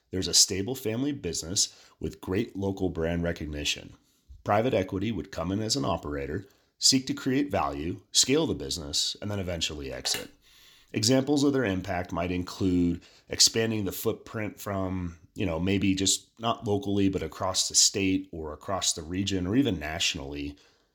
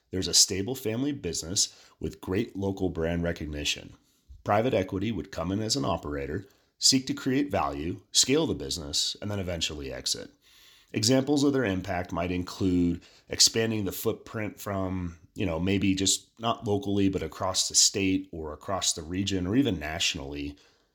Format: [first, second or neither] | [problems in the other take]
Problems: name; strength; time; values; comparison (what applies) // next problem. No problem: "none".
second | phone ringing; faint; at 10 s; peak 10 dB below the speech